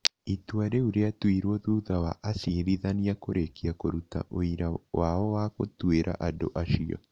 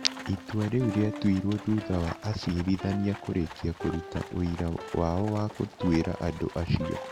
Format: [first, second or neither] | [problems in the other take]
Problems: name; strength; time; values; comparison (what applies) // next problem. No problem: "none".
first | background sound (Piano + Livestock, farm animals, working animals); 12 dB below the speech